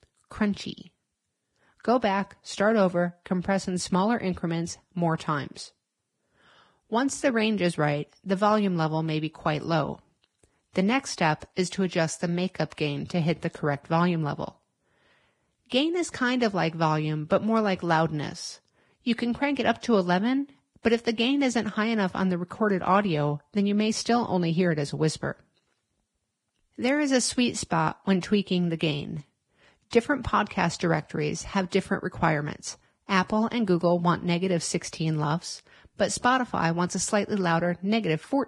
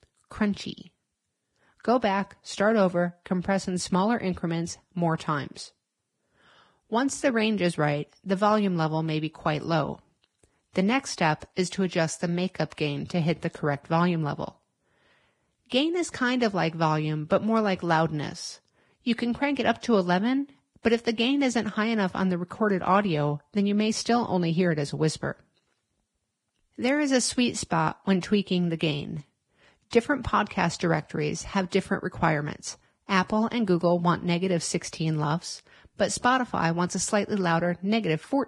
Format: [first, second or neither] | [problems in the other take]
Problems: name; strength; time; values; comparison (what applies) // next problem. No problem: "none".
neither | garbled, watery; badly; the same in both